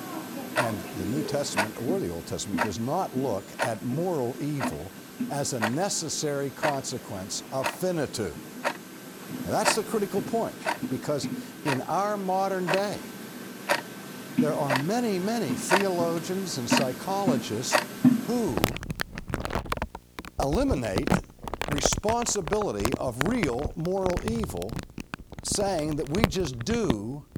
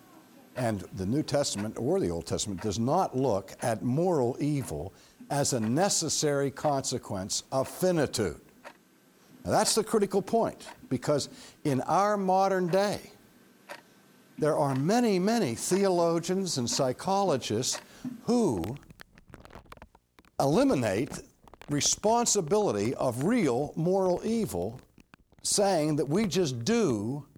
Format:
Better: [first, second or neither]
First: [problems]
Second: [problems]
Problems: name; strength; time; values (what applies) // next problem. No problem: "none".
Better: second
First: household noises; loud; throughout; 2 dB below the speech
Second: household noises; faint; throughout; 20 dB below the speech